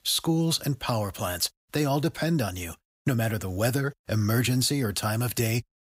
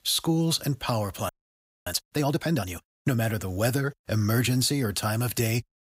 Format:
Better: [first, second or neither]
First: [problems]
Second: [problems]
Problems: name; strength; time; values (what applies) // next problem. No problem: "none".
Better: first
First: none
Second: audio freezing; at 1.5 s for 0.5 s